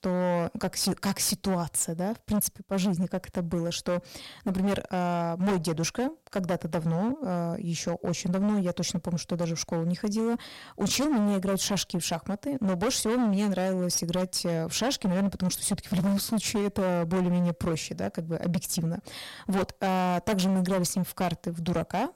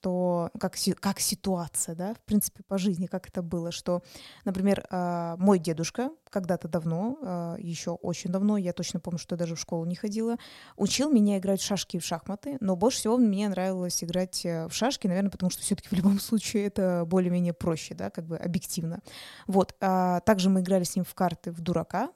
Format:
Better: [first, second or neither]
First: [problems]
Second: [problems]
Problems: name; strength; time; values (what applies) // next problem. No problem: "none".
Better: second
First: distortion; heavy; 18% of the sound clipped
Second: none